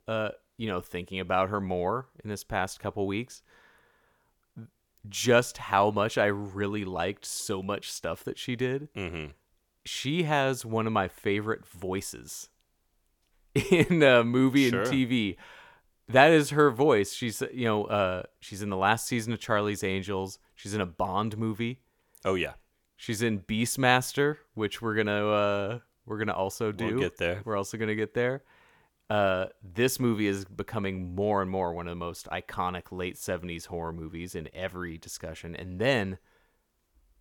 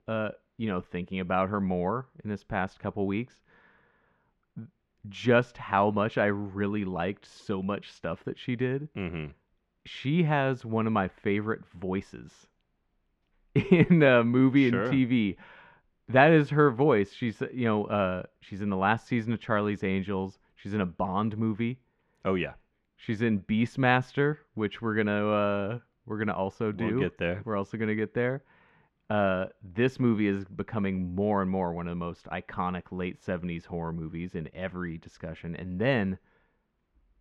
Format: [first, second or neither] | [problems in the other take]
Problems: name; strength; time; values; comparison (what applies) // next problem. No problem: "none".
first | muffled; very; fading above 2.5 kHz